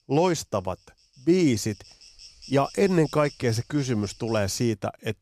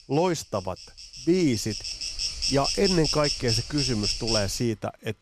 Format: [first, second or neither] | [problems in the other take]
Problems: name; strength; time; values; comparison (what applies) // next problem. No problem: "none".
first | animal sounds; loud; throughout; 1 dB below the speech; faint in the first